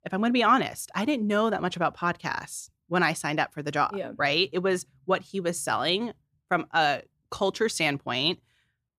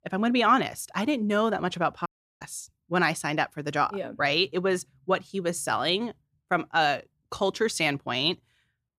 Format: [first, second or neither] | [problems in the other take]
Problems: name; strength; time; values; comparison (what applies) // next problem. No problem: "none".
first | audio cutting out; at 2 s